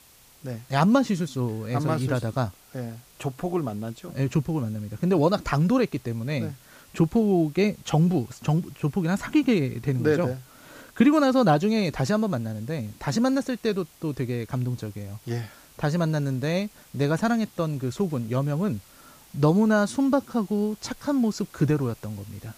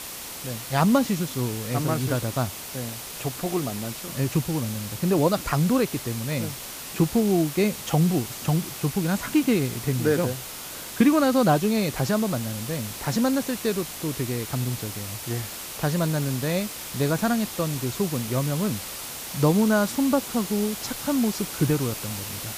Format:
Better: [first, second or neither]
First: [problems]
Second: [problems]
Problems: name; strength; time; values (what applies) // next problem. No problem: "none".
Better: first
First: hiss; faint; throughout; 25 dB below the speech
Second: hiss; loud; throughout; 8 dB below the speech